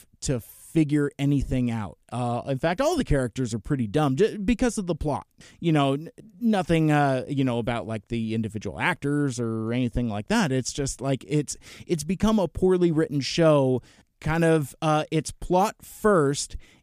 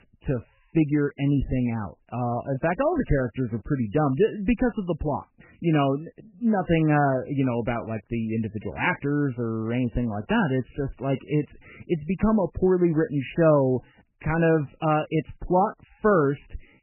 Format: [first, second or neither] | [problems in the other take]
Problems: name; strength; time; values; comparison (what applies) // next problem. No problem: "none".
first | garbled, watery; badly; nothing above 3 kHz